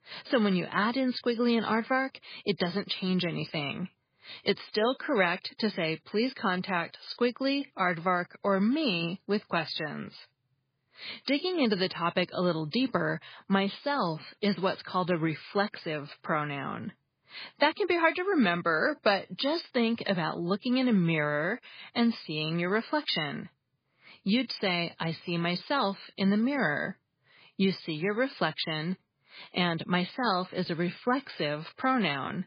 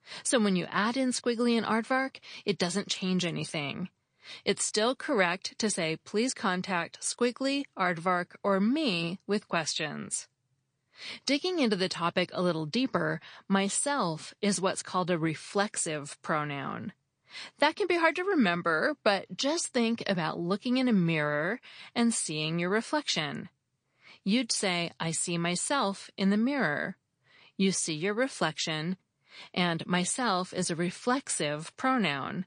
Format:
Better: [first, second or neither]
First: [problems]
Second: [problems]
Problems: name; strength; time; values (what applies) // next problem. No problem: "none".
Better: second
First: garbled, watery; badly; nothing above 4.5 kHz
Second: garbled, watery; slightly; nothing above 9.5 kHz